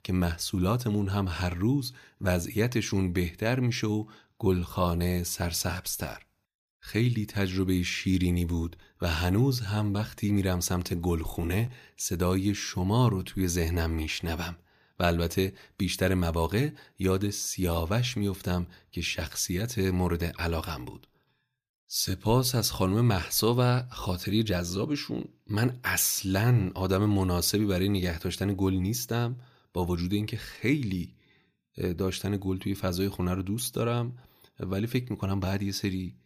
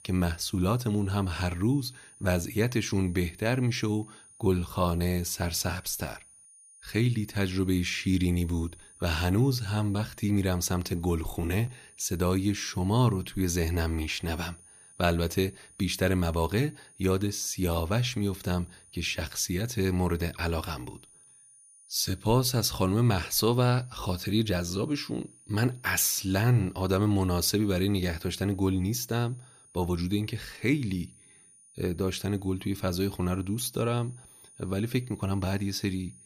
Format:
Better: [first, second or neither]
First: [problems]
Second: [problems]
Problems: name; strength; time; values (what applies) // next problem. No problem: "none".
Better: first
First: none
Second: high-pitched whine; faint; throughout; 9.5 kHz, 25 dB below the speech